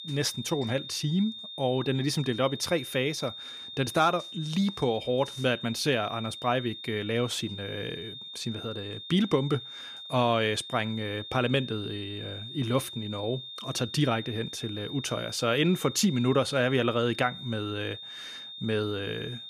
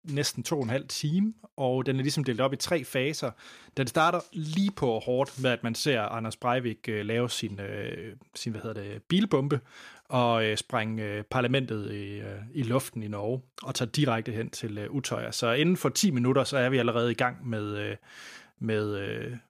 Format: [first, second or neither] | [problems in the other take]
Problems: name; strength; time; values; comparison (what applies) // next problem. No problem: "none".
second | high-pitched whine; noticeable; throughout; 3.5 kHz, 10 dB below the speech